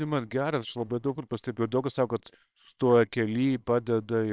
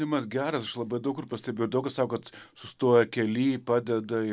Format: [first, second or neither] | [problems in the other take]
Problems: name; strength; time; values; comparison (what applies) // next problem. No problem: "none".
second | noise reduction (neural separator model SepFormer WHAMR!)